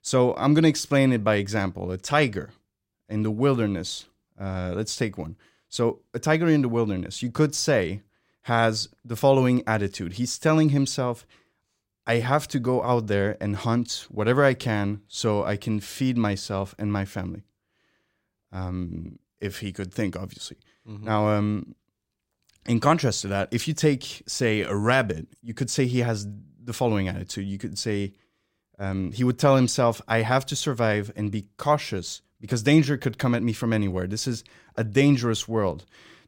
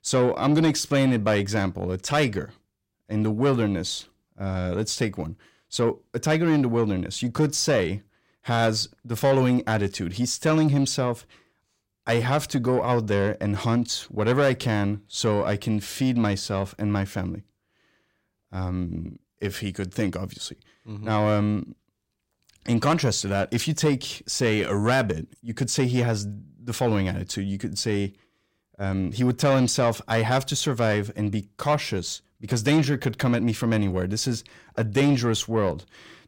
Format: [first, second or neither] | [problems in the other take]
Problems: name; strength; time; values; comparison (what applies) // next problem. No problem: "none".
first | distortion; slight; 10 dB below the speech